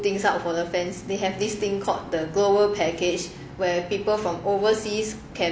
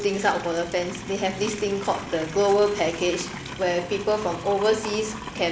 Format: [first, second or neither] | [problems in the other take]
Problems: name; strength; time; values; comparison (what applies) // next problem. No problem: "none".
first | background sound (Livestock, farm animals, working animals); 13 dB below the speech